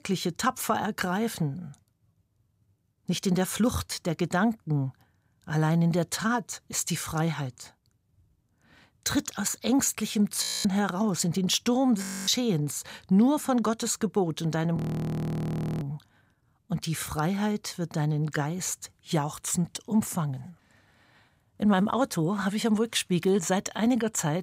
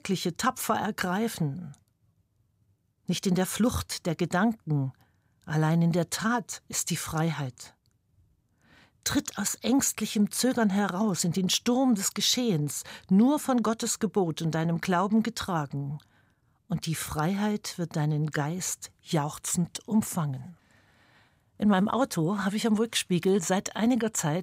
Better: second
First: audio freezing; at 10 s, at 12 s and at 15 s for 1 s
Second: none

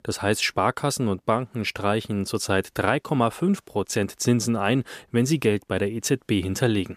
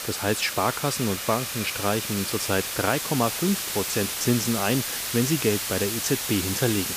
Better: first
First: none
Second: hiss; loud; throughout; 2 dB below the speech

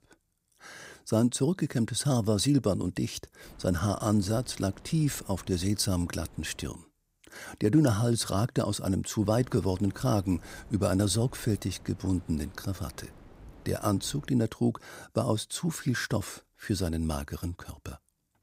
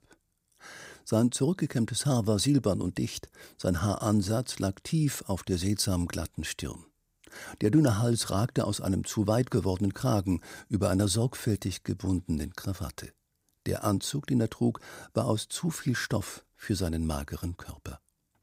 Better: second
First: wind noise on the microphone; occasional gusts; from 3.5 to 6.5 s and from 9 to 14 s; 25 dB below the speech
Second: none

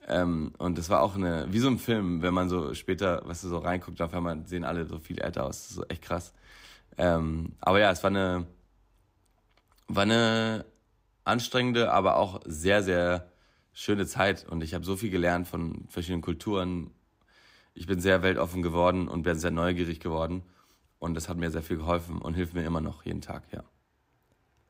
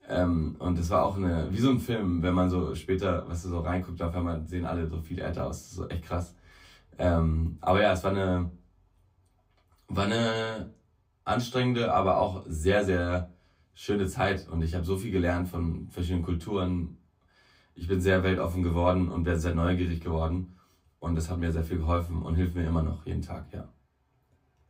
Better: first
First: none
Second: off-mic speech; far // room echo; very slight; dies away in 0.2 s

